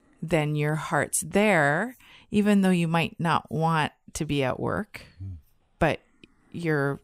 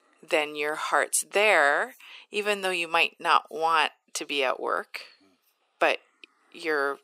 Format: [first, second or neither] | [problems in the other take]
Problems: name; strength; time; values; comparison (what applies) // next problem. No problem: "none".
first | thin; very; fading below 400 Hz